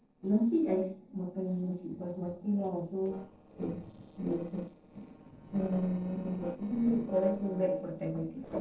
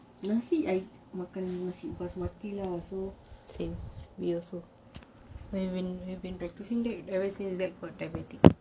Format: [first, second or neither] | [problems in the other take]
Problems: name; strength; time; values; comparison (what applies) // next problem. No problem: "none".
second | noise reduction (neural separator model SepFormer DNS4)